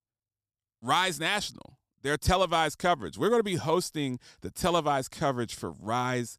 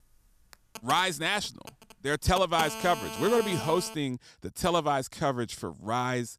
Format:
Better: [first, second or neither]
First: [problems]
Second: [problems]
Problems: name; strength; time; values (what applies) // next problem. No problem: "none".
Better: first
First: none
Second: phone ringing; noticeable; from 0.5 to 4 s; peak 6 dB below the speech